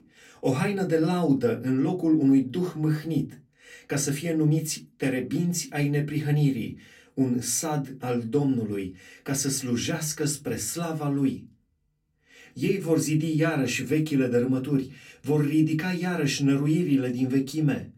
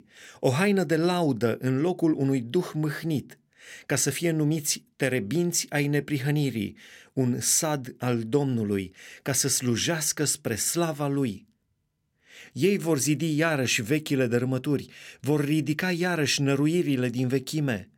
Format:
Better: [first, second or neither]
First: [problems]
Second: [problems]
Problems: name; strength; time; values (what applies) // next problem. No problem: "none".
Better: second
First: off-mic speech; far // room echo; very slight; dies away in 0.2 s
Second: none